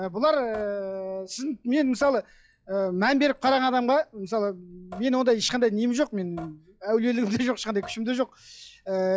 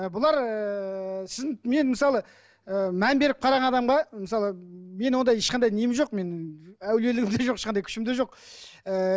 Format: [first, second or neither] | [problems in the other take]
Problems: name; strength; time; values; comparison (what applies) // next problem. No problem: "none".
second | noise reduction (classical method log-MMSE)